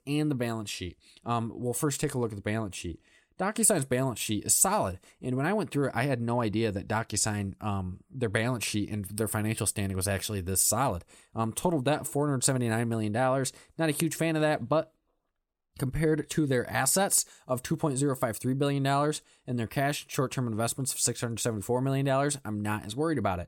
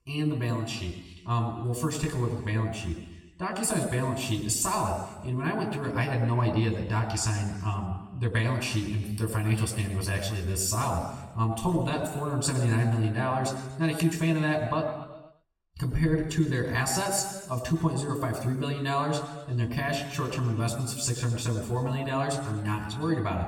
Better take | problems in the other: first | room echo; noticeable; dies away in 1.3 s // off-mic speech; somewhat distant

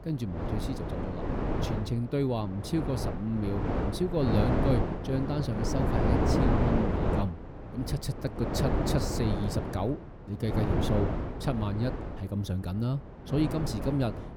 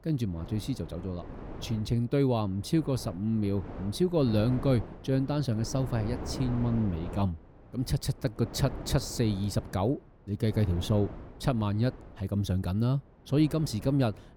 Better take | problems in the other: second | wind noise on the microphone; heavy; 1 dB above the speech; occasional gusts in the second

